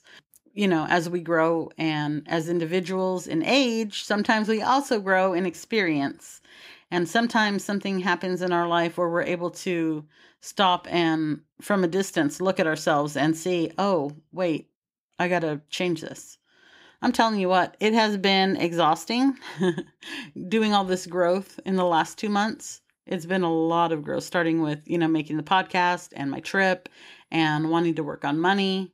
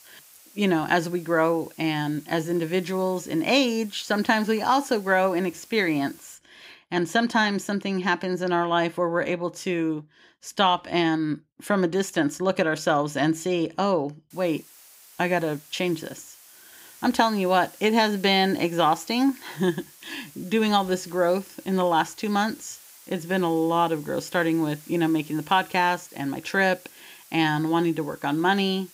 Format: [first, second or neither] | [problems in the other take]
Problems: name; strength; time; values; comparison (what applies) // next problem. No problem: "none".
first | hiss; faint; until 6.5 s and from 14 s on; 25 dB below the speech